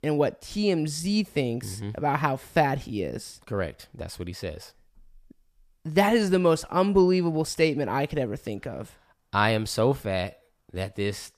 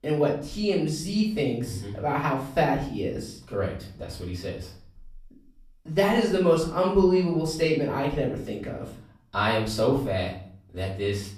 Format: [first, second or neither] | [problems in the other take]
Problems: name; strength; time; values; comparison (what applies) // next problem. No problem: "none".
first | off-mic speech; far // room echo; slight; dies away in 0.5 s